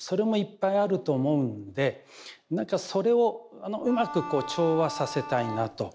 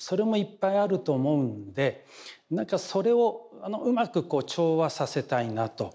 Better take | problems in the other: second | background sound (Bowed string instrument); 10 dB below the speech

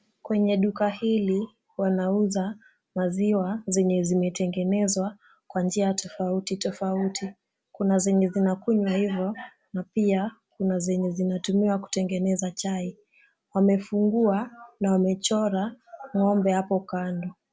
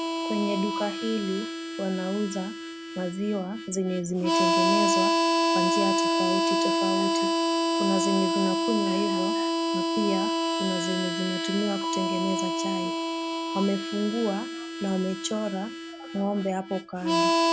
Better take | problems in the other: first | background sound (Harmonica); 3 dB above the speech

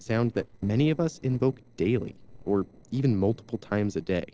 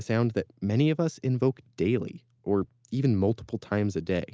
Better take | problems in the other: second | noise reduction (neural separator model SepFormer DNS4)

